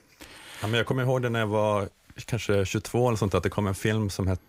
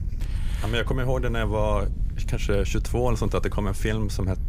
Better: first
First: none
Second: wind noise on the microphone; occasional gusts; 20 dB below the speech

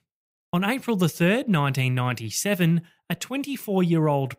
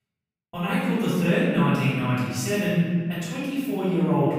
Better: first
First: none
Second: off-mic speech; far // room echo; strong; dies away in 1.8 s

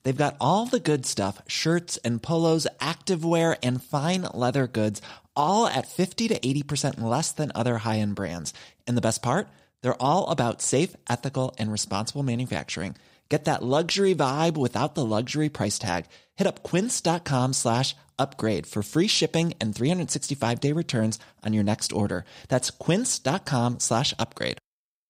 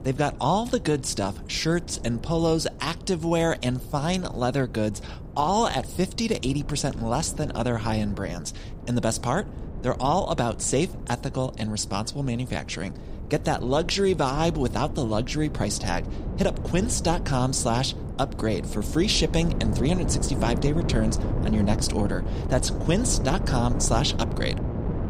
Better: first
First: none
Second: wind noise on the microphone; occasional gusts; 15 dB below the speech

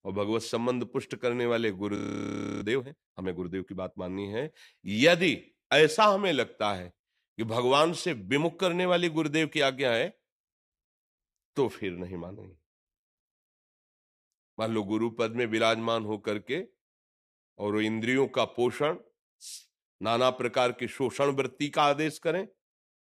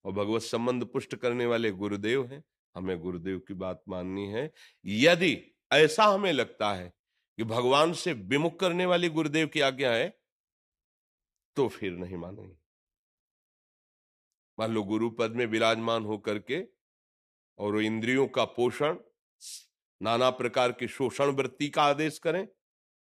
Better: second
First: audio freezing; at 2 s for 0.5 s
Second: none

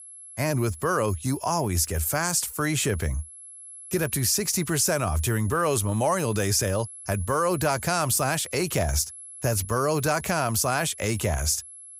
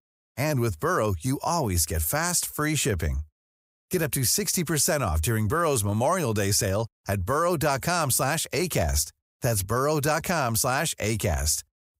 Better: second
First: high-pitched whine; noticeable; throughout; 11 kHz, 15 dB below the speech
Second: none

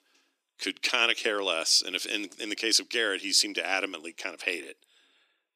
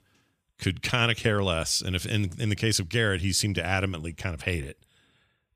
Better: second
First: thin; very; fading below 300 Hz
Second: none

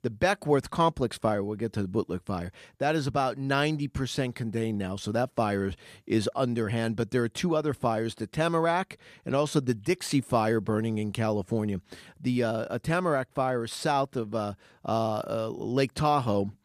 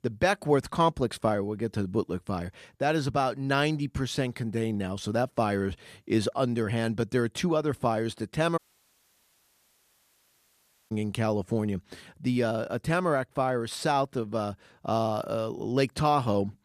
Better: first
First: none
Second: audio cutting out; at 8.5 s for 2.5 s

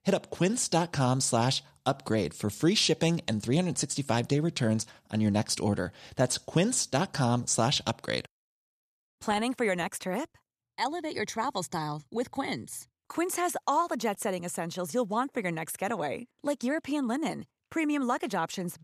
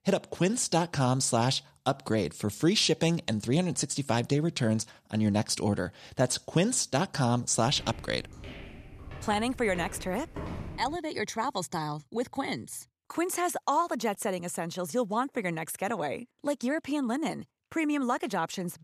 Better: first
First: none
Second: footsteps; noticeable; from 7.5 to 11 s; peak 9 dB below the speech

